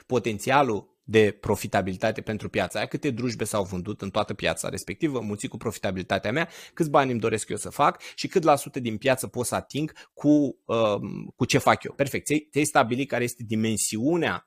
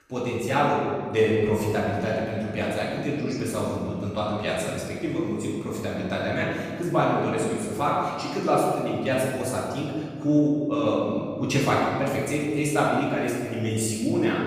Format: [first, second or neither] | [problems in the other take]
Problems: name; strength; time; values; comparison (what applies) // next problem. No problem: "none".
first | room echo; strong; dies away in 1.9 s // off-mic speech; far